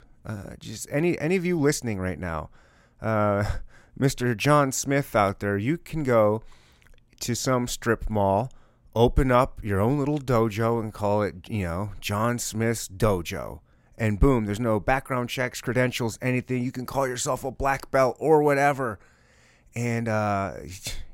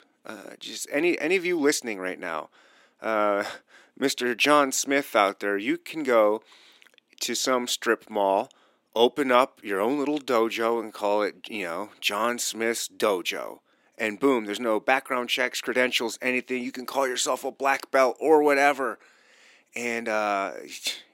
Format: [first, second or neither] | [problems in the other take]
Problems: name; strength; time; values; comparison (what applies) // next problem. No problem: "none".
first | thin; very slightly; fading below 300 Hz